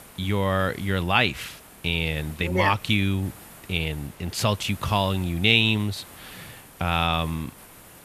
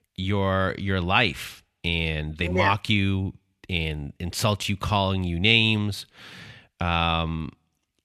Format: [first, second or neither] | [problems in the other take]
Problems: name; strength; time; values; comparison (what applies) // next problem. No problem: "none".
second | hiss; faint; throughout; 20 dB below the speech